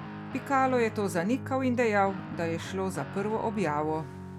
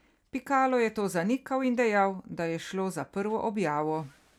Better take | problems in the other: second | background sound (Guitar); 10 dB below the speech

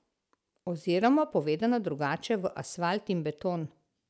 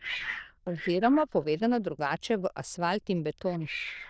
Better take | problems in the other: first | noise reduction (neural diffusion model UNIVERSE++)

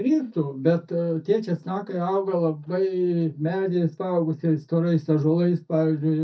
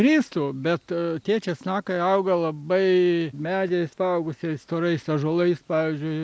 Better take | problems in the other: second | noise reduction (neural mask model DeepFilterNet 3)

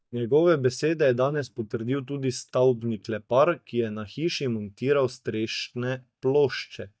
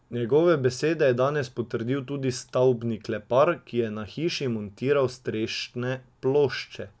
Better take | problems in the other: second | noise reduction (neural mask model DeepFilterNet 3)

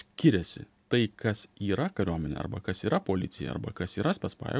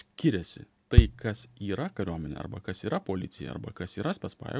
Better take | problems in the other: first | background sound (Bass drum); 5 dB above the speech

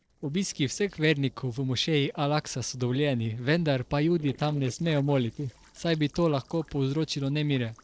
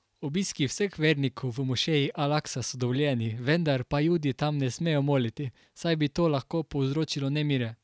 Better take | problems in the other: second | noise reduction (neural separator model SepFormer DNS4)

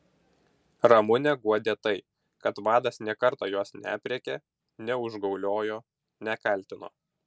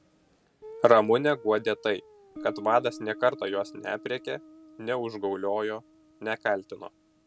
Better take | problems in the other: first | background sound (Guitar); 18 dB below the speech

